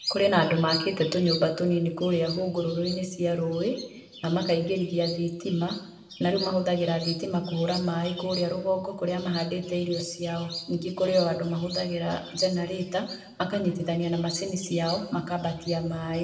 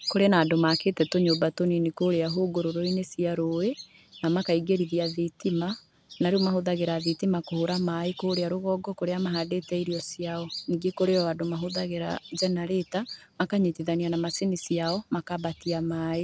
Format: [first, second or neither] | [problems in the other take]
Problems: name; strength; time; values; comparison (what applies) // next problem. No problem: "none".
second | room echo; dies away in 0.9 s